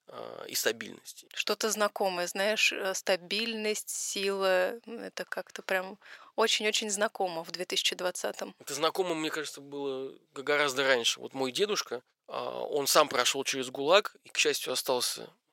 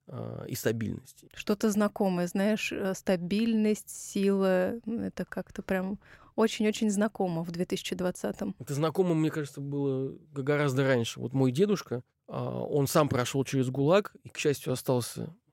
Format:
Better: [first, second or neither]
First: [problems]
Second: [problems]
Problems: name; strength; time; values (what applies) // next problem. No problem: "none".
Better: second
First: thin; very; fading below 550 Hz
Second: none